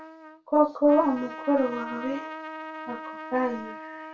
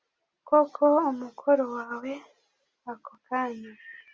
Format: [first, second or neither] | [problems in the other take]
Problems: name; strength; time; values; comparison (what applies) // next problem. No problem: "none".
second | background sound (Trumpet); 12 dB below the speech // room echo; dies away in 0.2 s